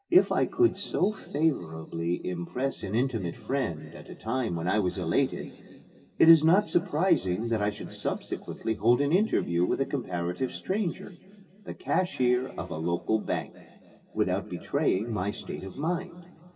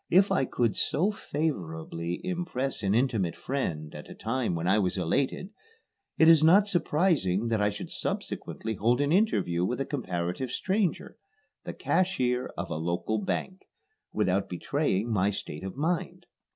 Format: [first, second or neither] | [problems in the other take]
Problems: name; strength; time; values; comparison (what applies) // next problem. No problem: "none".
second | room echo; dies away in 2.5 s